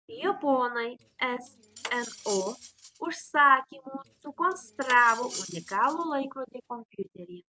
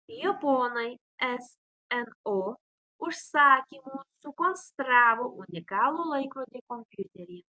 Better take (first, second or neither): second